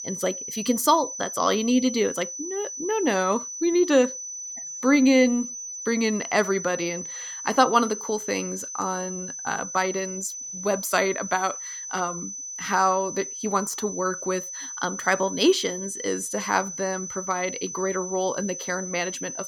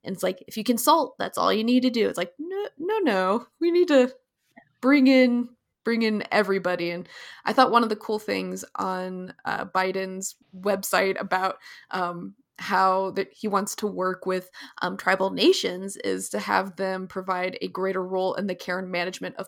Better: second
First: high-pitched whine; loud; throughout; 6 kHz, 7 dB below the speech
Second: none

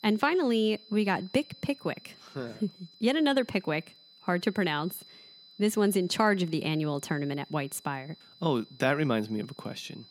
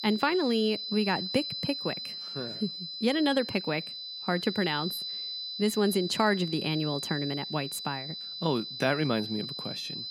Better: first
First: high-pitched whine; faint; throughout; 4 kHz, 25 dB below the speech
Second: high-pitched whine; loud; throughout; 4 kHz, 5 dB below the speech

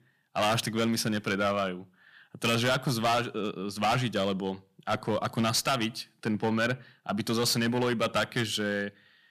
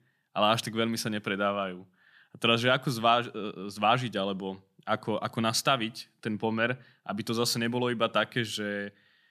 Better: second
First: distortion; heavy; 8% of the sound clipped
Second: none

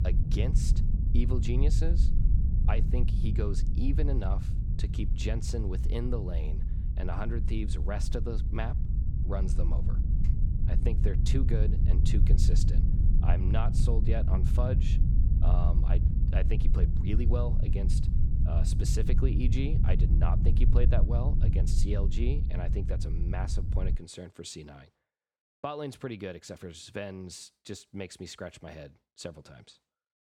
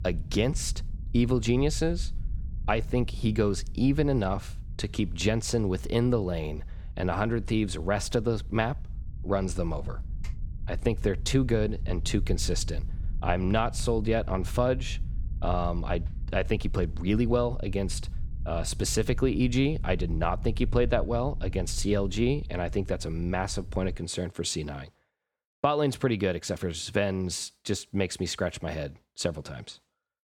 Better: second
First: low rumble; loud; until 24 s; 4 dB below the speech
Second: low rumble; faint; until 24 s; 25 dB below the speech

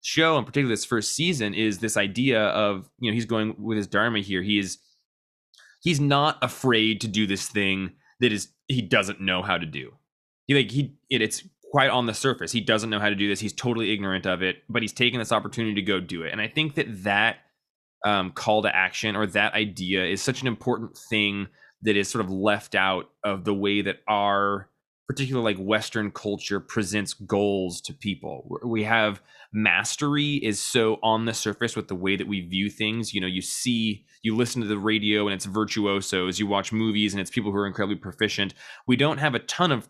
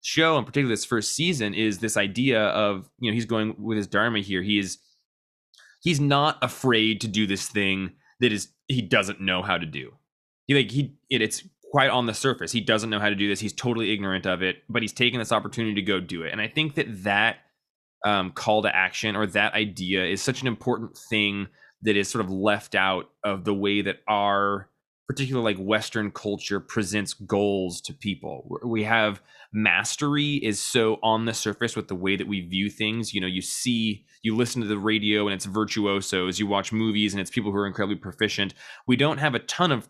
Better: neither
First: none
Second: none

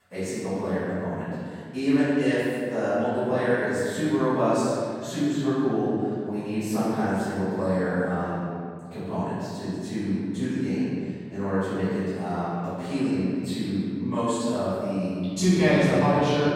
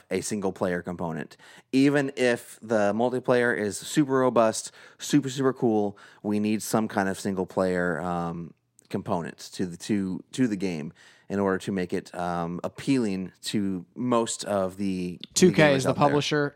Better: second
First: room echo; strong; dies away in 2.2 s // off-mic speech; far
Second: none

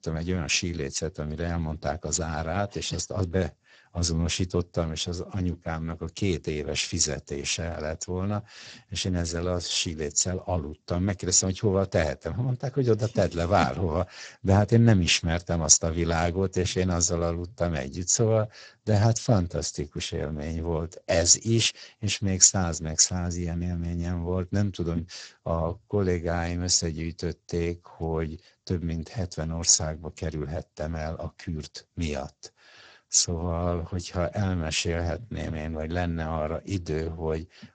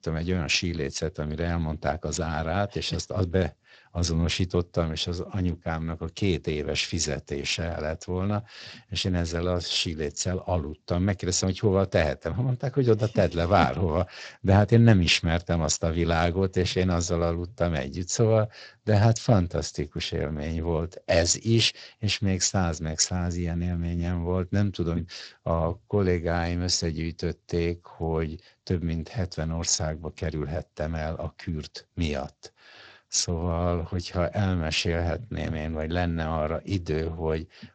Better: second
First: garbled, watery; badly; nothing above 7.5 kHz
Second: garbled, watery; slightly; nothing above 7.5 kHz

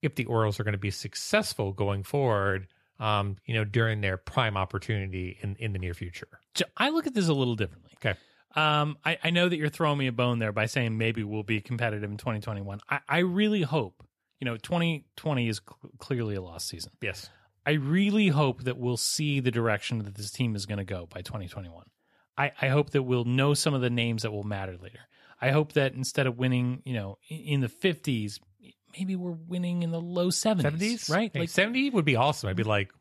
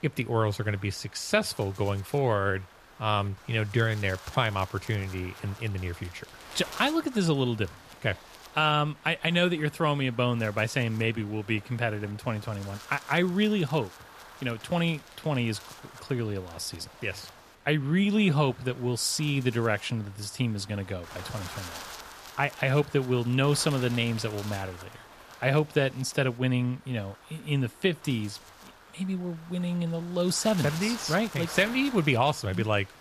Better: first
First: none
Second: wind noise on the microphone; occasional gusts; 15 dB below the speech

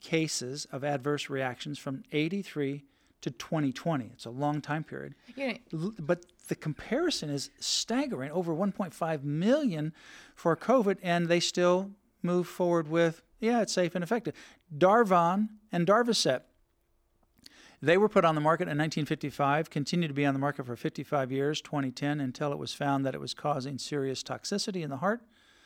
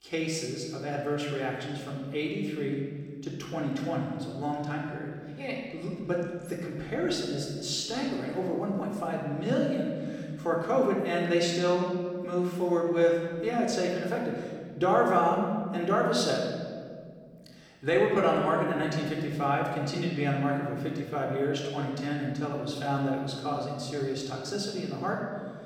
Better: first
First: none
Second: off-mic speech; far // room echo; noticeable; dies away in 1.7 s

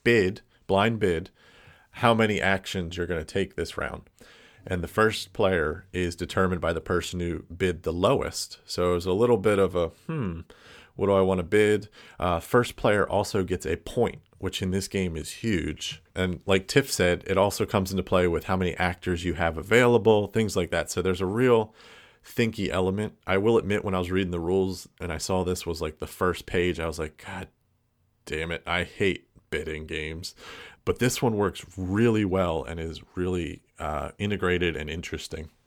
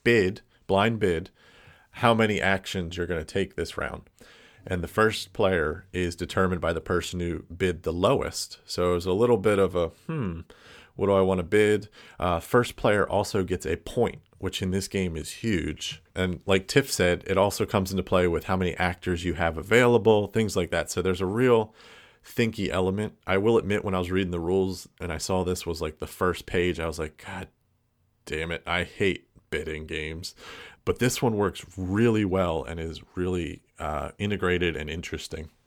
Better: neither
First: none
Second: none

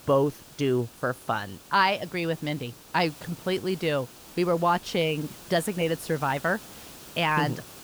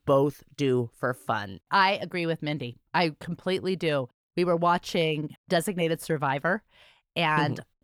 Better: second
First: hiss; noticeable; throughout; 20 dB below the speech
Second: none

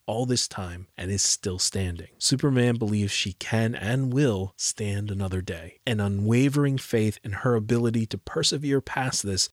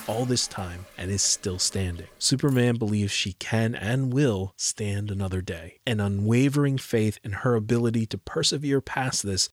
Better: first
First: none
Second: household noises; faint; until 2.5 s; 20 dB below the speech

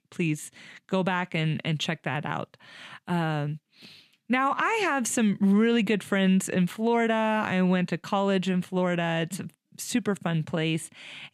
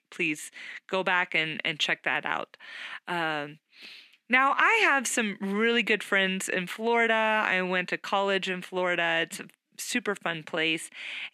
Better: first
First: none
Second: thin; somewhat; fading below 250 Hz

